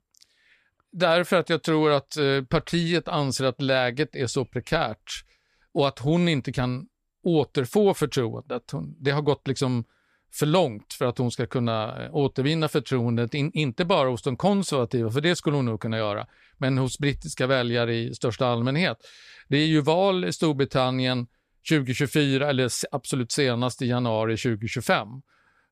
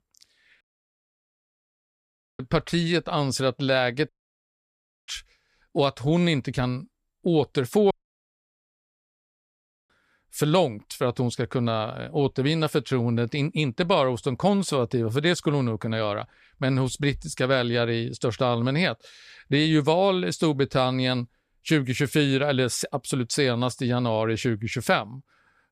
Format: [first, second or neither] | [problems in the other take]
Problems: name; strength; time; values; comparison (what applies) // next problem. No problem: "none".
first | audio cutting out; at 0.5 s for 2 s, at 4 s for 1 s and at 8 s for 2 s